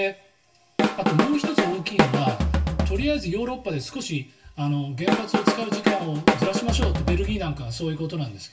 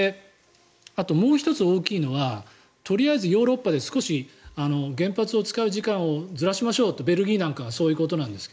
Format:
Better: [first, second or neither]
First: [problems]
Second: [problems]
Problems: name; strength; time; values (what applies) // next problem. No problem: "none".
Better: second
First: background sound (Drum kit); 3 dB above the speech // room echo; dies away in 0.2 s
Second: none